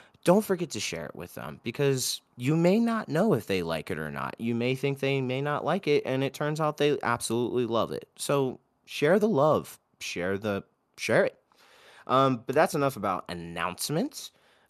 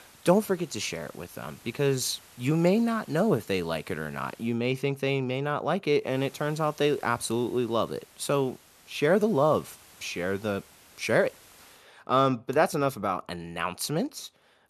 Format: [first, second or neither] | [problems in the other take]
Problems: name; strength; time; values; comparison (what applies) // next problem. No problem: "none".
first | hiss; faint; until 4.5 s and from 6 to 12 s; 25 dB below the speech